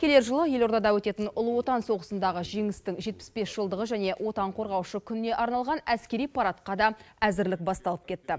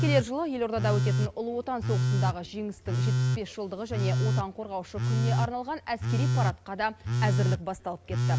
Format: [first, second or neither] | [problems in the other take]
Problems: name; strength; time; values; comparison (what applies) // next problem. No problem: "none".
first | background sound (Telephone); 4 dB above the speech